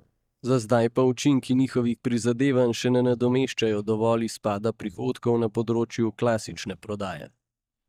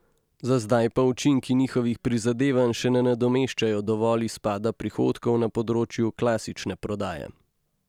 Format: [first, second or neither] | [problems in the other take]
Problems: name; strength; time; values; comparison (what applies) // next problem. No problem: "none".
second | noise reduction (neural mask model DeepFilterNet 3)